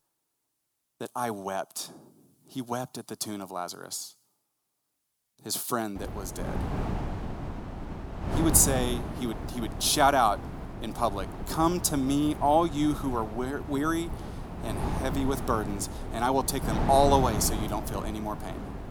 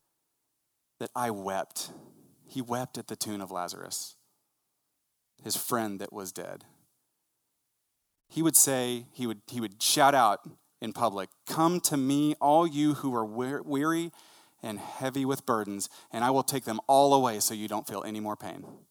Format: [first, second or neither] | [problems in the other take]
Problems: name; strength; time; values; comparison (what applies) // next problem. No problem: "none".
second | wind noise on the microphone; occasional gusts; from 6 s on; 10 dB below the speech